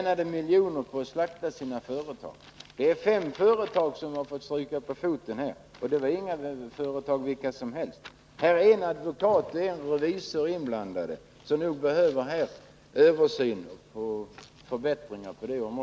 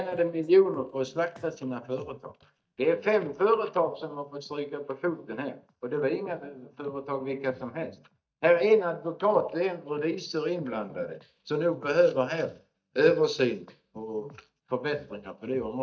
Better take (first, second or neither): first